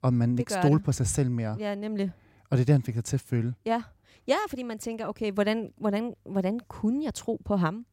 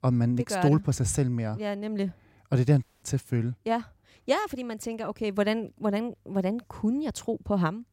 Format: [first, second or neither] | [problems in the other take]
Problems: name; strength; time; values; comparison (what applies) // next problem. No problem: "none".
first | audio cutting out; at 3 s